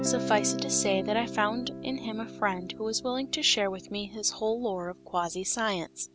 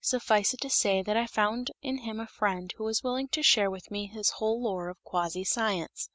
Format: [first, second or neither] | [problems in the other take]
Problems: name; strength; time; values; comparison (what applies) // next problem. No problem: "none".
second | background sound (Guitar); 8 dB below the speech